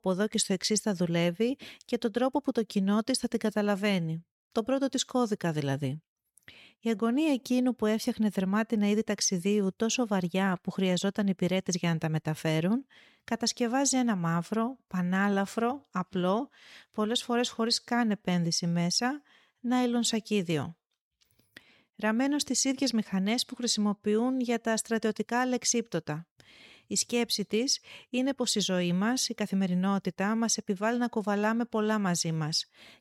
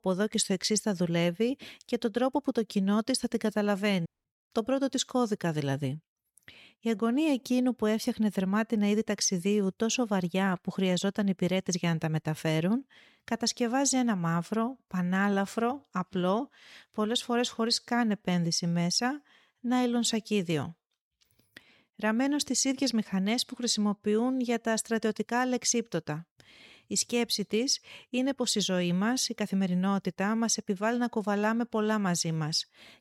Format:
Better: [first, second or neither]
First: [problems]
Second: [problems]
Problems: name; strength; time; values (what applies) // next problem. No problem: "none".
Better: first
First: none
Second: audio cutting out; at 4 s